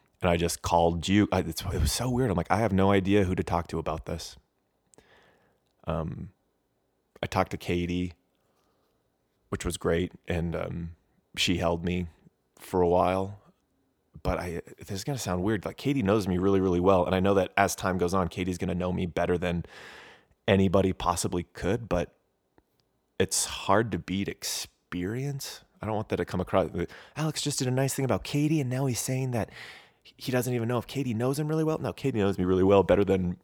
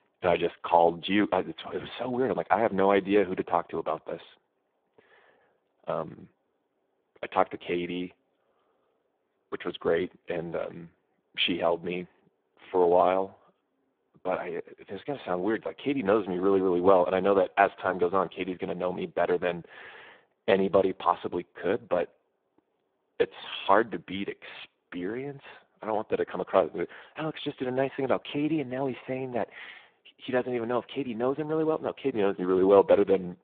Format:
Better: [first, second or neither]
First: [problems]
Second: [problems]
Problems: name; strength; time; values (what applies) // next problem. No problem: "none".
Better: first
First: none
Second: phone-call audio; poor line